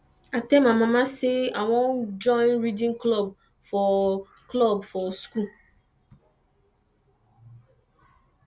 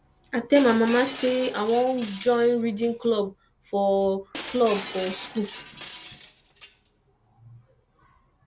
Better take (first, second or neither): first